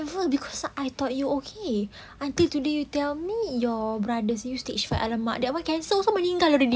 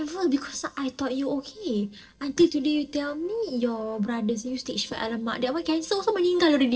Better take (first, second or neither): first